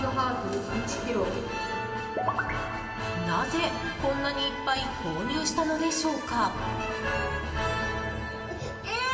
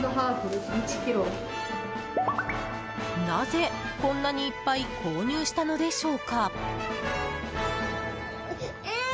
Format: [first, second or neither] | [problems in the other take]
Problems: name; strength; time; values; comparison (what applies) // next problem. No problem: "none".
second | room echo; dies away in 2.9 s